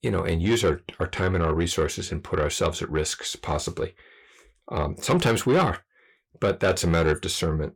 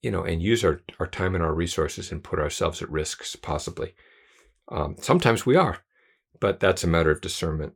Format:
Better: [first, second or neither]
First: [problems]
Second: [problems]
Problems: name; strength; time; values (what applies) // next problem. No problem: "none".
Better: second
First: distortion; slight; 10 dB below the speech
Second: none